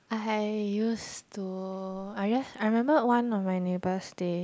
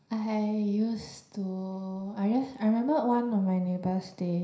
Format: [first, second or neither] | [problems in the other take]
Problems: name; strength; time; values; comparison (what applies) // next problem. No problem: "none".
first | room echo; dies away in 0.5 s